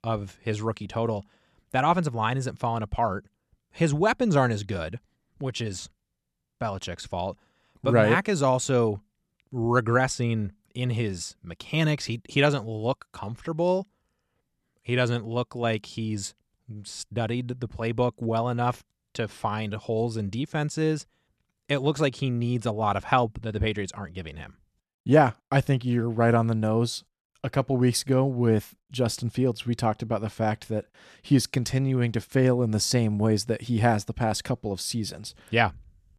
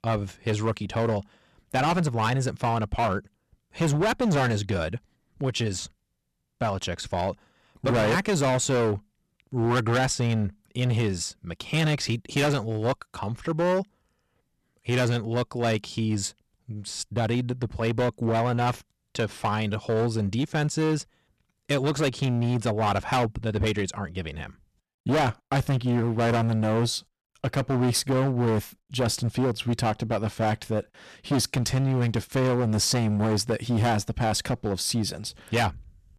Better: first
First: none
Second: distortion; heavy; 14% of the sound clipped

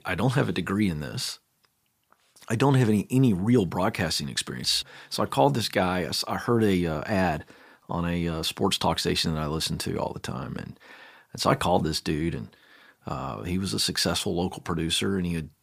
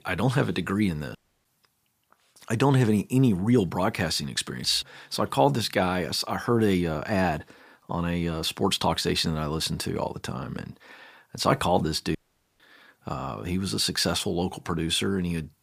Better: first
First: none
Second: audio cutting out; at 1 s and at 12 s

